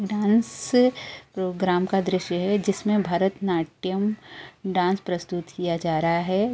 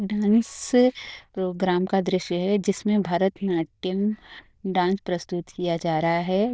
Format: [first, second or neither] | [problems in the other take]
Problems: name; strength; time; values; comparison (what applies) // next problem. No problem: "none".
first | noise reduction (neural diffusion model UNIVERSE++)